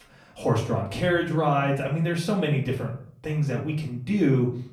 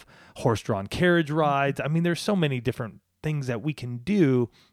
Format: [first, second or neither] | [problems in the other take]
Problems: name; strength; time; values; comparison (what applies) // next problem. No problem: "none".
second | off-mic speech; far // room echo; slight; dies away in 0.4 s